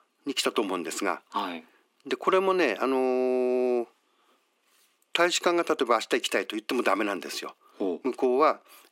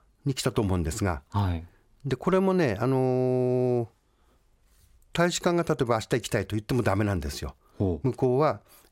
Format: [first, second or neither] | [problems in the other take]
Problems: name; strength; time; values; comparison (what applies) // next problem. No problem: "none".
second | thin; somewhat; fading below 250 Hz